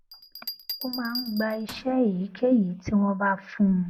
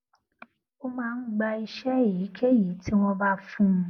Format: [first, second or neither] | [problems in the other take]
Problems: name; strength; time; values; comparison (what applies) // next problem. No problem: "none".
second | background sound (Bell); 15 dB below the speech